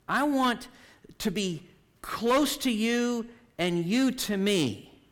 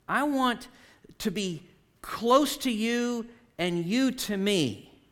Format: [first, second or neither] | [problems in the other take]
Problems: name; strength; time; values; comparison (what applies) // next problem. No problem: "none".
second | distortion; slight; 4% of the sound clipped